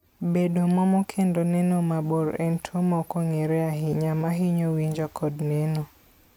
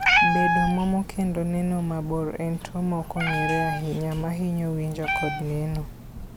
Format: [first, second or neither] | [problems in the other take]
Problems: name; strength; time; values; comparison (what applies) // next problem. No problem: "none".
first | background sound (Meow); 1 dB below the speech